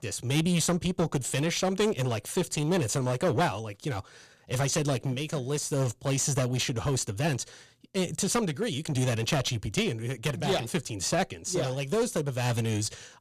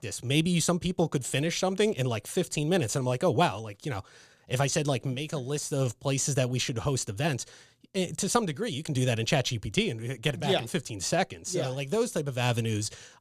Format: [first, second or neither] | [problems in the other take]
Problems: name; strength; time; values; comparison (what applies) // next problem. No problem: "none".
second | distortion; slight; 9% of the sound clipped